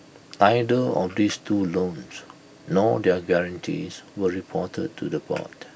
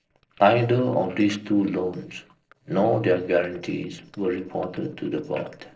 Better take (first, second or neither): first